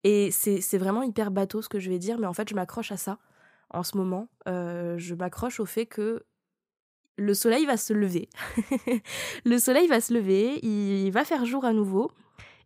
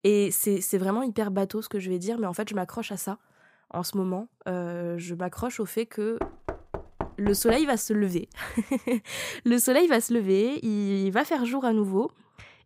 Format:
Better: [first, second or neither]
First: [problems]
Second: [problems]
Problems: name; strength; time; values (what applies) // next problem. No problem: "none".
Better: first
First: none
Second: door banging; noticeable; from 6 to 7.5 s; peak 7 dB below the speech